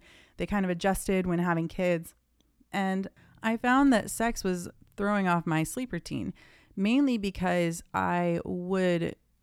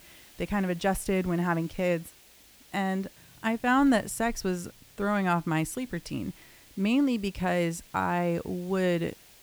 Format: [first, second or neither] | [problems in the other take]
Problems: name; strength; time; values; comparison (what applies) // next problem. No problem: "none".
first | hiss; faint; throughout; 25 dB below the speech